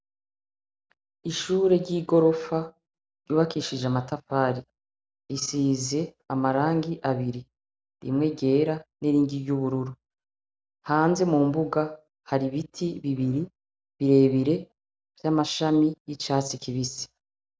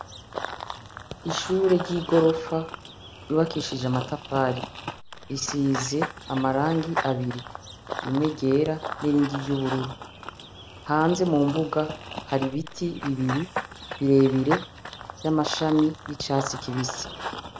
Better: first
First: none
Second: background sound (Run / Bird vocalization, bird call, bird song); 10 dB below the speech

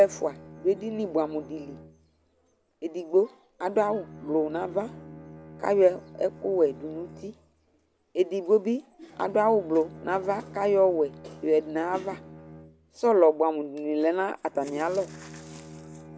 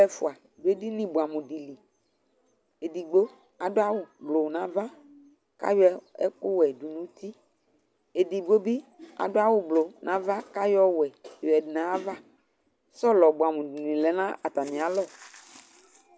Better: second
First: background sound (Bowed string instrument); 20 dB below the speech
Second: none

